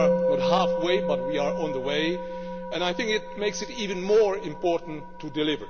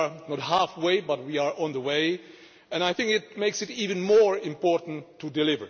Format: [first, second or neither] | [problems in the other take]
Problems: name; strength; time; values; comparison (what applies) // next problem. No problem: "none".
second | background sound (Musical instrument); 2 dB below the speech